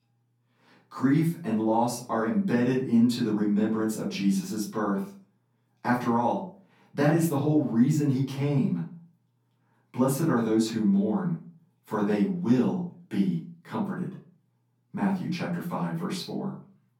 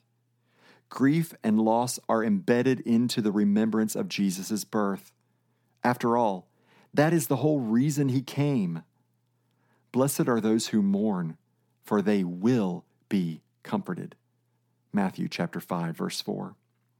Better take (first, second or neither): second